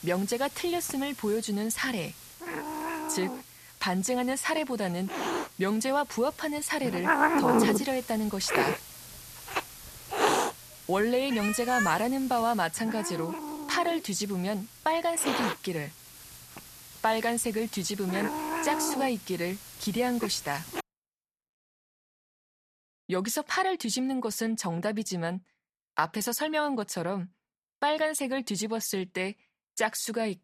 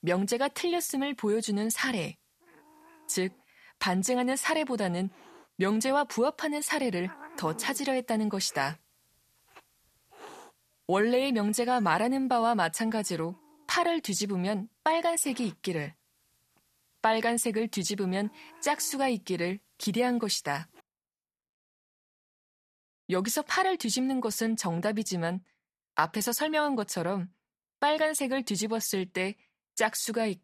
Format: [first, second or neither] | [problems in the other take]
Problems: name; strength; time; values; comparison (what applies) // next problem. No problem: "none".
second | hiss; loud; until 21 s; 2 dB below the speech; faint in the second